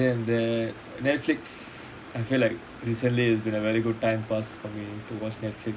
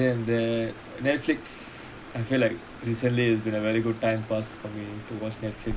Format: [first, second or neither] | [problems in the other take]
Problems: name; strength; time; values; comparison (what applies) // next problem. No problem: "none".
first | background sound (Water); 19 dB below the speech